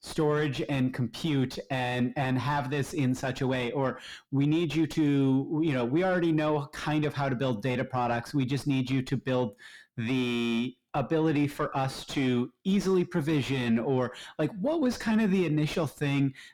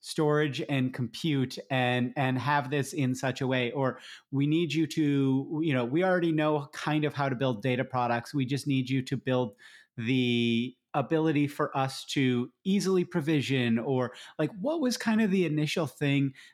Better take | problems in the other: second | distortion; slight; 10 dB below the speech

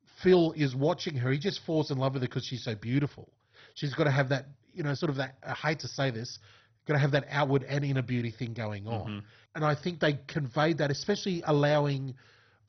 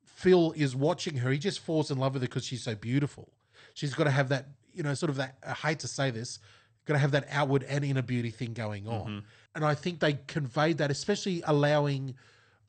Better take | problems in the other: second | garbled, watery; badly; nothing above 6 kHz; slightly in the second

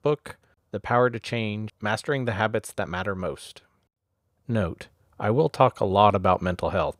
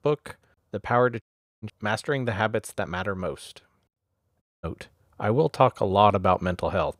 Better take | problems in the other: first | audio cutting out; at 1 s and at 4.5 s

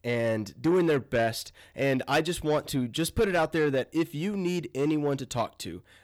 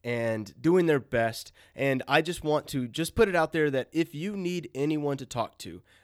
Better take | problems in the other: second | distortion; slight; 10 dB below the speech

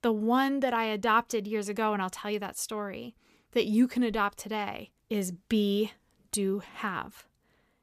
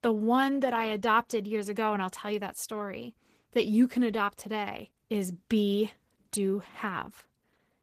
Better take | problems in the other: first | garbled, watery; slightly; nothing above 14.5 kHz

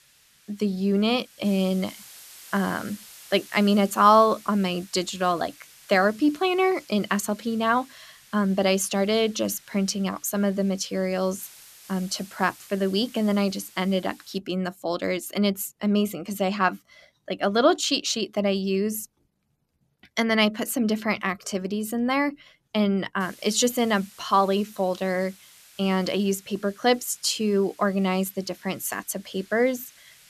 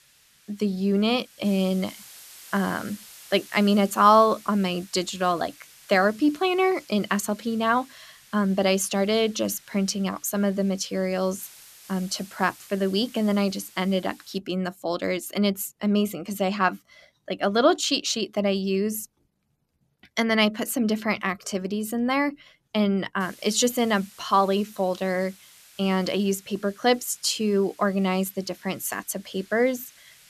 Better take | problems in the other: neither | hiss; faint; until 14 s and from 23 s on; 25 dB below the speech; the same in both

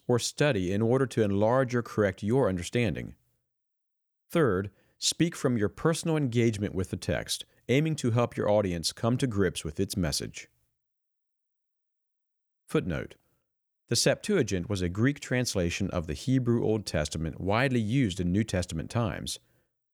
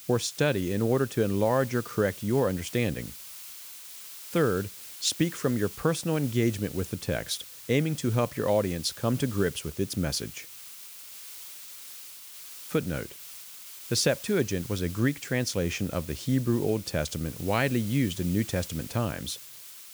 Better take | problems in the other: first | hiss; noticeable; throughout; 15 dB below the speech

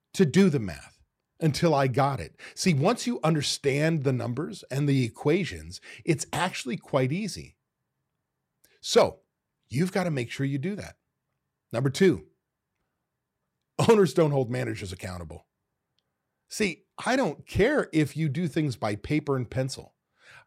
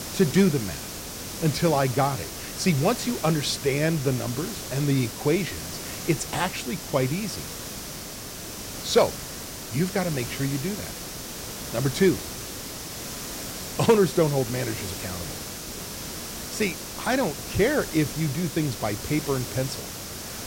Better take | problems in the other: first | hiss; loud; throughout; 8 dB below the speech

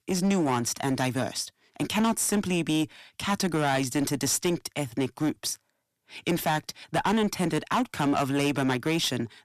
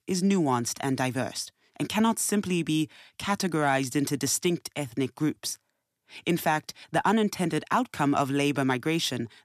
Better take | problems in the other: second | distortion; slight; 10% of the sound clipped

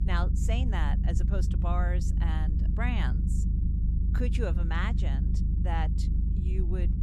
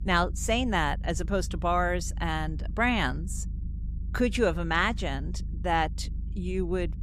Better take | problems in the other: second | low rumble; loud; throughout; 6 dB below the speech; faint in the second

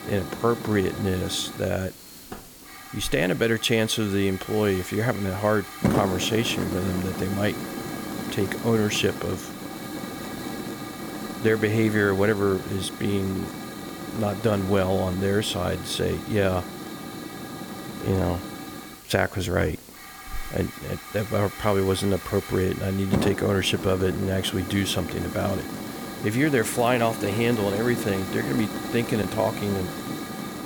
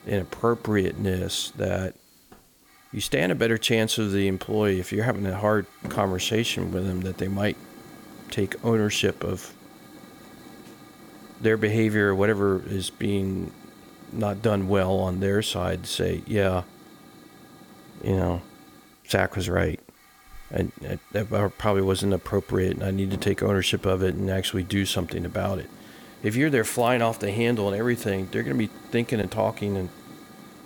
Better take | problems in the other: second | hiss; loud; throughout; 8 dB below the speech; faint in the second

